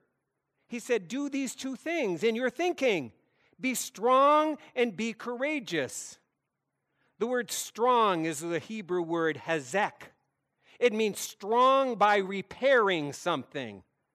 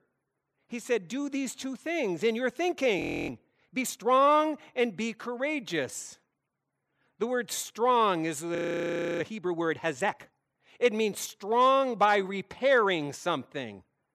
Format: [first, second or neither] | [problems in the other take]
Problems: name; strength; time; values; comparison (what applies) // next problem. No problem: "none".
first | audio freezing; at 3 s and at 8.5 s for 0.5 s